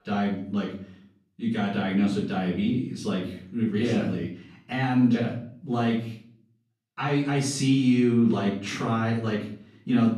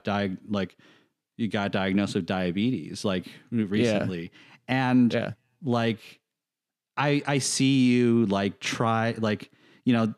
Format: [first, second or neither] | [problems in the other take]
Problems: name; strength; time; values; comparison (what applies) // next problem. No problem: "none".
second | off-mic speech; far // room echo; noticeable; dies away in 0.5 s